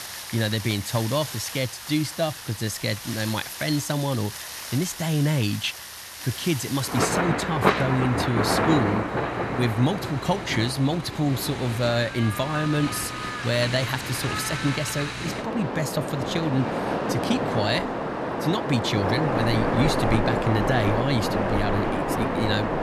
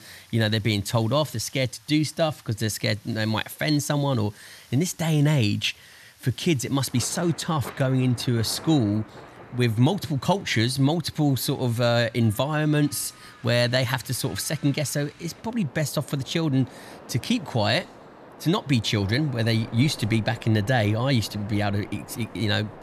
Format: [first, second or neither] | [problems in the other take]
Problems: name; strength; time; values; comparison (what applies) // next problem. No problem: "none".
second | rain or running water; loud; throughout; 2 dB below the speech; faint in the second